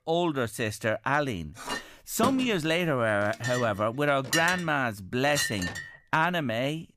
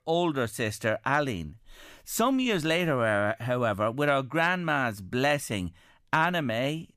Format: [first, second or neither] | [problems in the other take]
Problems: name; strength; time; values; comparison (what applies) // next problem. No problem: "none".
second | clattering dishes; noticeable; from 1.5 to 6 s; peak level with the speech